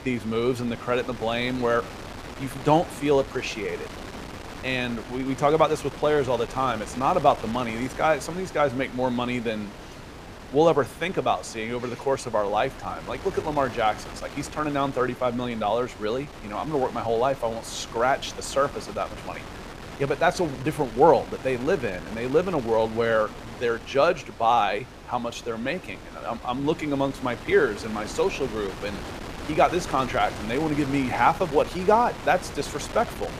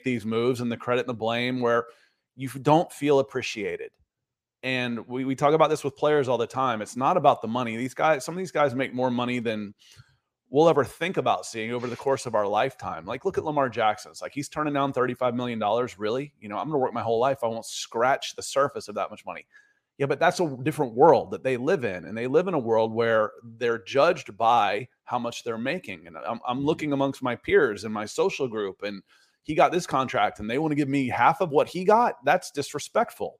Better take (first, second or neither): second